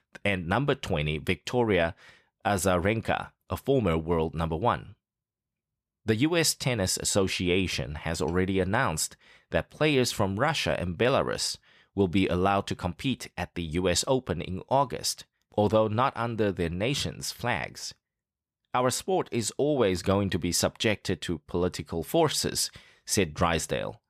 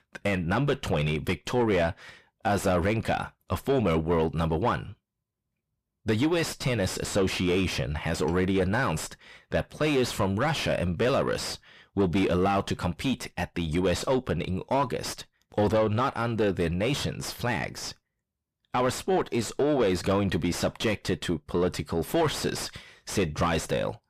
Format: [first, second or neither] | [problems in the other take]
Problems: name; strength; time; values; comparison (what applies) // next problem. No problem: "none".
first | distortion; heavy; 6 dB below the speech